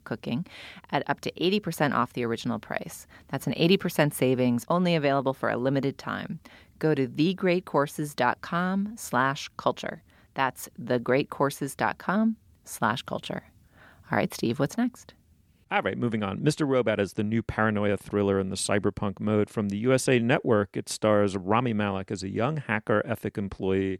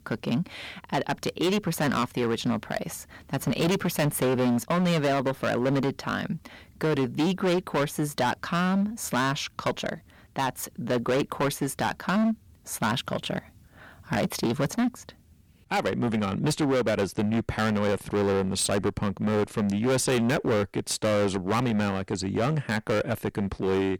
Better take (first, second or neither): first